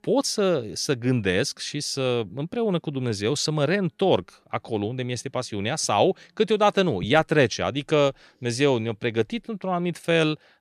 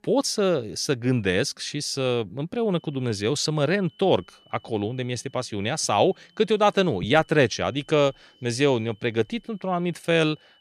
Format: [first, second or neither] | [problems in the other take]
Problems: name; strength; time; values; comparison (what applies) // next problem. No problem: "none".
first | high-pitched whine; faint; from 2.5 s on; 3 kHz, 35 dB below the speech